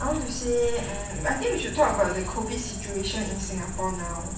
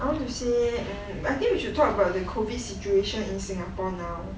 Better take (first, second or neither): second